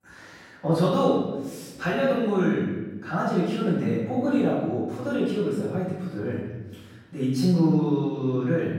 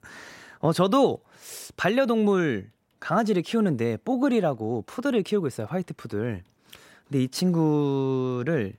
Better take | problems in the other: second | off-mic speech; far // room echo; strong; dies away in 1.2 s

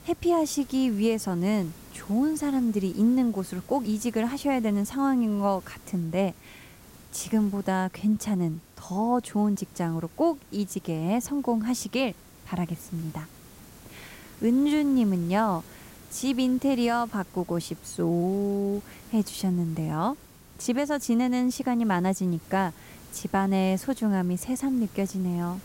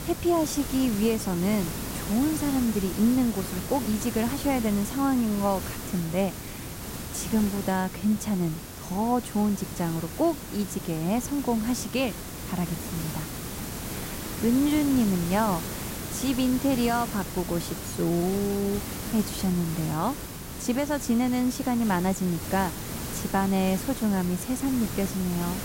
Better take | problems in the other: first | hiss; loud; throughout; 7 dB below the speech; faint in the first

